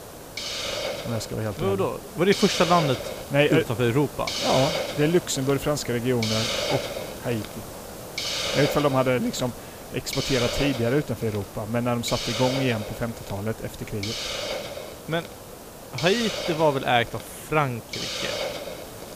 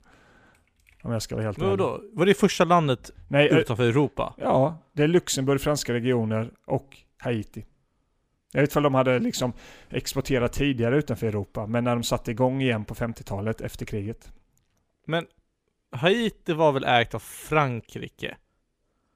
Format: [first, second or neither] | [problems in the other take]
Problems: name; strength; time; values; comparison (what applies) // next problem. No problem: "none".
second | hiss; loud; throughout; 5 dB below the speech